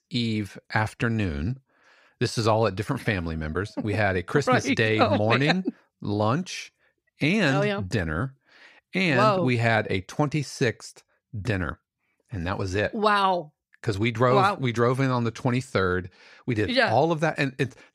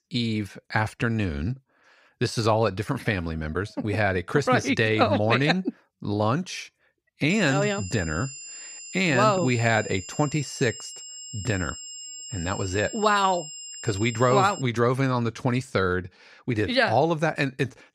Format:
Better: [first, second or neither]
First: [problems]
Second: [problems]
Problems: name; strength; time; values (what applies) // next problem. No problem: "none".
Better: first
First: none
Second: high-pitched whine; noticeable; from 7.5 to 15 s; 7.5 kHz, 10 dB below the speech